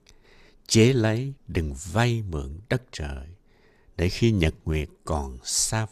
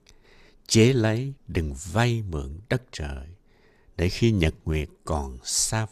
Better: neither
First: none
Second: none

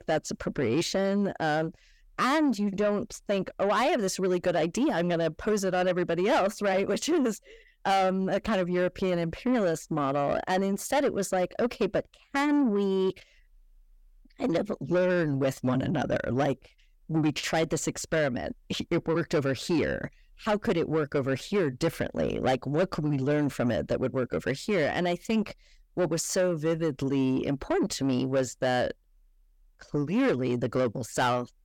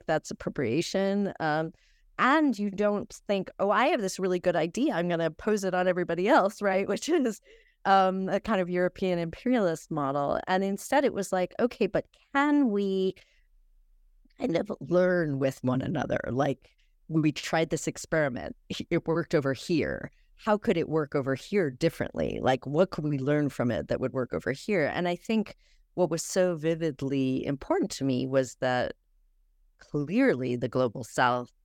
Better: second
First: distortion; slight; 10 dB below the speech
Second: none

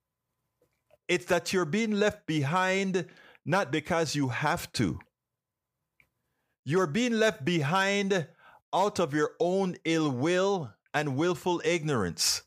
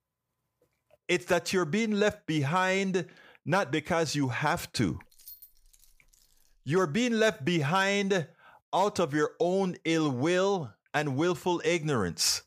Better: first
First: none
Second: jangling keys; faint; from 5 to 7 s; peak 20 dB below the speech

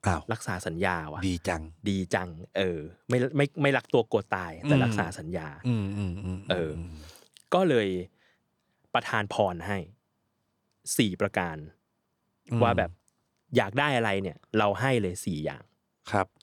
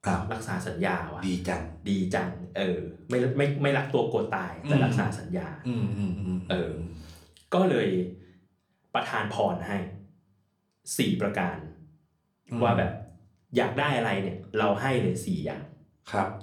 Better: first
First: none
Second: room echo; slight; dies away in 0.4 s // off-mic speech; somewhat distant

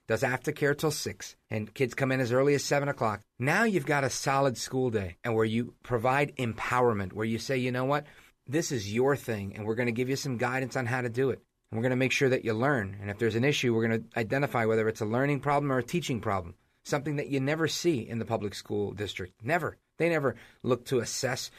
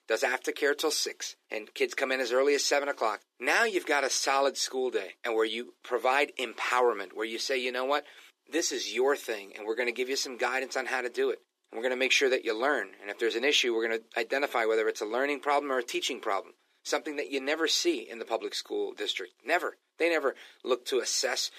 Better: first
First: none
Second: thin; somewhat; fading below 300 Hz

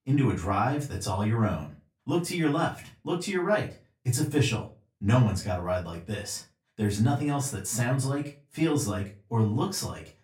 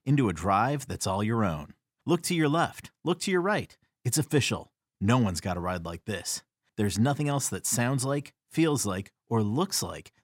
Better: second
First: off-mic speech; far // room echo; very slight; dies away in 0.2 s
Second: none

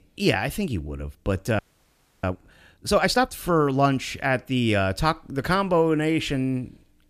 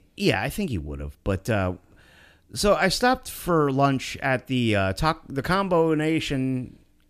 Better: second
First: audio freezing; at 1.5 s for 0.5 s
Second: none

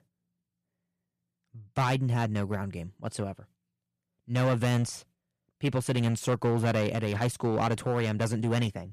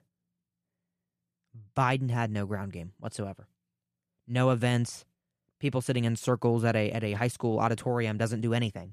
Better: second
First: distortion; slight; 6% of the sound clipped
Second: none

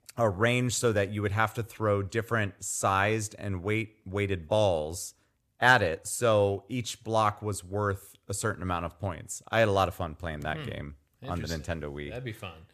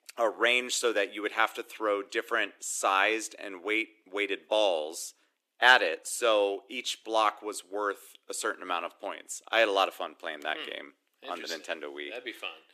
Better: first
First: none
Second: thin; very; fading below 300 Hz

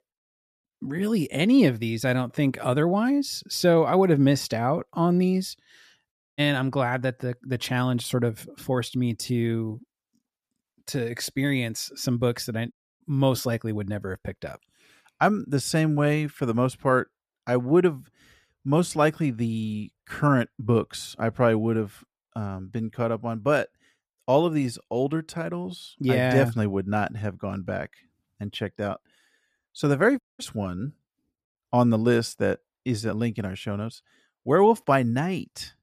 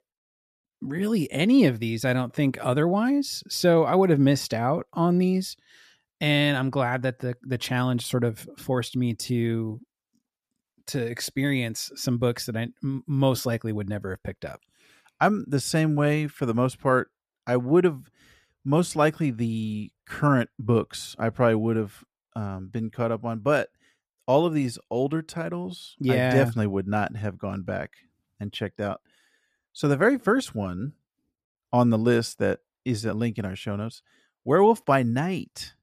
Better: second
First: audio cutting out; at 6 s, at 13 s and at 30 s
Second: none

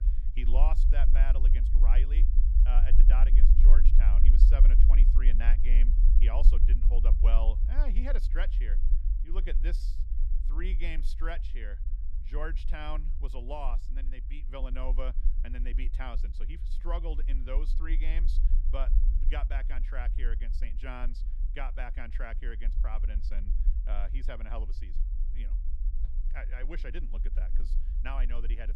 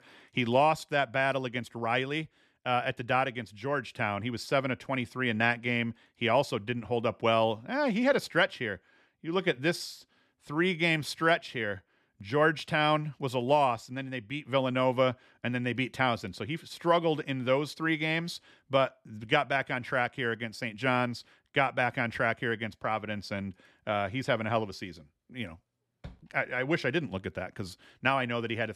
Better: second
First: low rumble; loud; throughout; 10 dB below the speech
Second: none

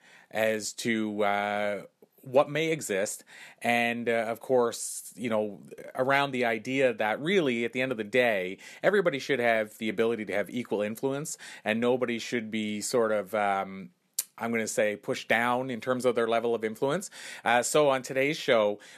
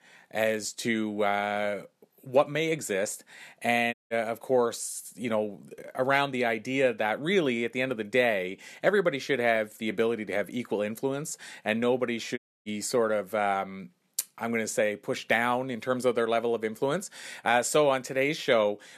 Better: first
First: none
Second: audio cutting out; at 4 s and at 12 s

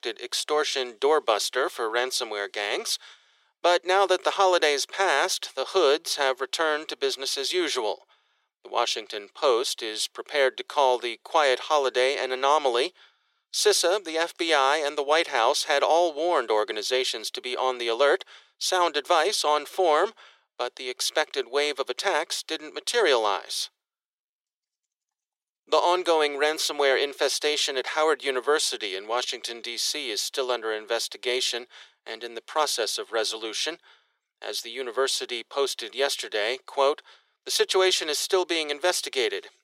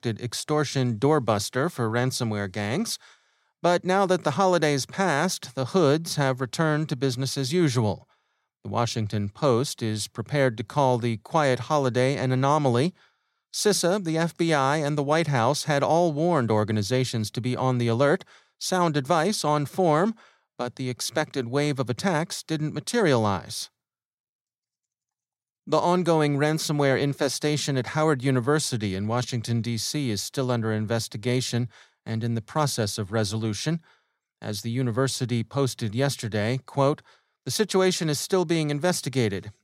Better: second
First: thin; very; fading below 400 Hz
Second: none

